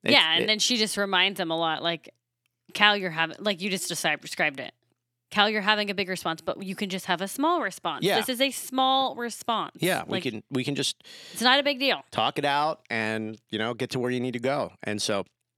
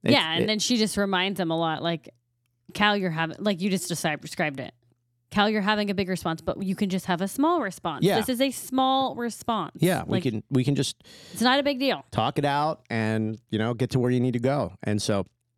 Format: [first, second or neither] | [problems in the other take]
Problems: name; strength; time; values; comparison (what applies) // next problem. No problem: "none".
second | thin; very slightly; fading below 800 Hz